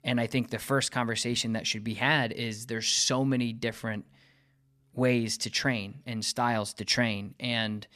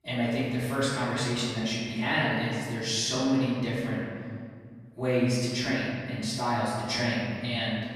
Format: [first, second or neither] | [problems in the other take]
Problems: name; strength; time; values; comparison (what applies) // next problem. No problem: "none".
first | off-mic speech; far // room echo; strong; dies away in 2.1 s